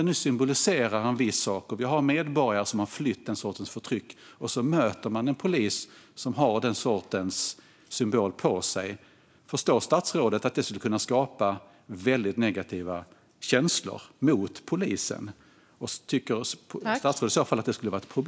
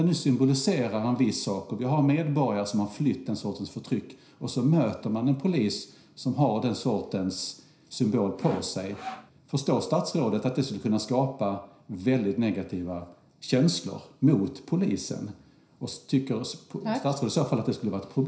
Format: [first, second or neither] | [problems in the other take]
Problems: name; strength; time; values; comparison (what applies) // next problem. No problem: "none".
first | background sound (Sawing); 13 dB below the speech // room echo; dies away in 0.5 s